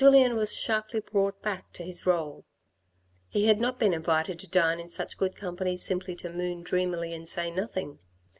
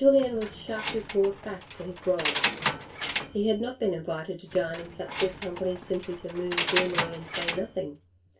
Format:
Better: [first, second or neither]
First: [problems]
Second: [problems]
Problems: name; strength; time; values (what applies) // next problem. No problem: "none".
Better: first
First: none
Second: background sound (Keys jangling); 5 dB below the speech // room echo; dies away in 0.2 s